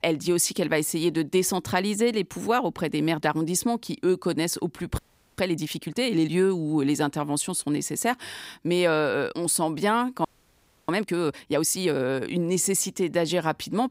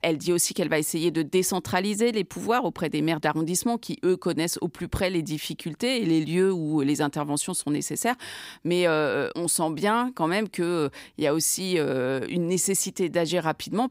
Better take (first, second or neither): second